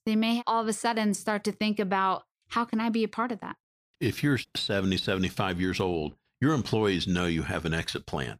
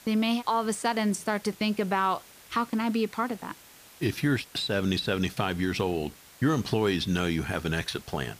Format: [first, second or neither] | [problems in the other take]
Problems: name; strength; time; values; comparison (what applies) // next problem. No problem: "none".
first | hiss; faint; throughout; 20 dB below the speech